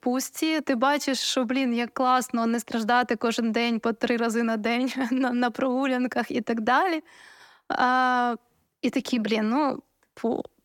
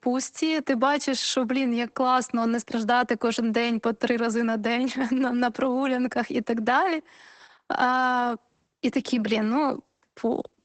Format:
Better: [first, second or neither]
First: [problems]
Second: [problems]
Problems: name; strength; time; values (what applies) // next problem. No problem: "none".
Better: first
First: none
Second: garbled, watery; badly; nothing above 8 kHz